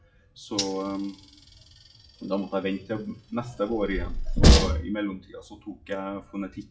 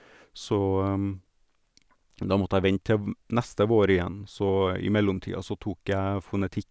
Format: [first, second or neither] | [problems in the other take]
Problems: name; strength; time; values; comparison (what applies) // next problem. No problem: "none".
second | noise reduction (classical method WPE with log-MMSE)